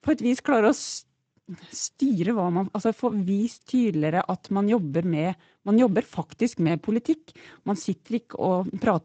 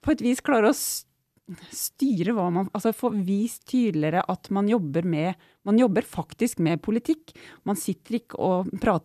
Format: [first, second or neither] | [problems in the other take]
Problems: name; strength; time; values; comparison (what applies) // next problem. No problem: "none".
second | garbled, watery; slightly; nothing above 7.5 kHz